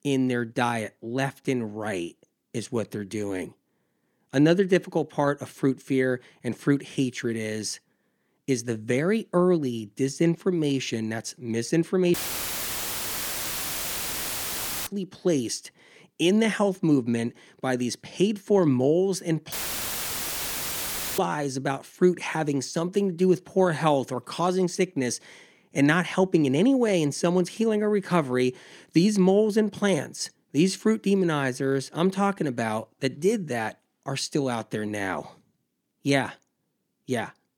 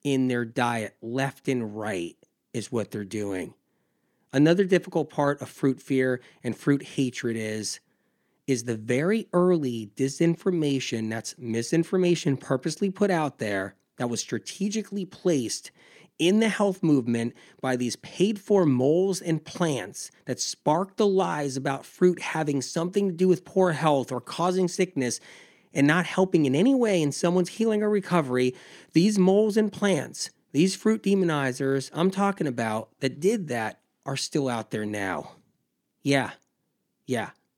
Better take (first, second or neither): second